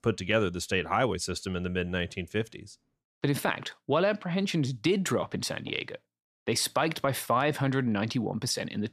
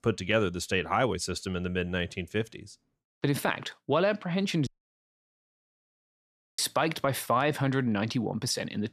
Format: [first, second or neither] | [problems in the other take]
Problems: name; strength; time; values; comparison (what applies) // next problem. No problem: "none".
first | audio cutting out; at 4.5 s for 2 s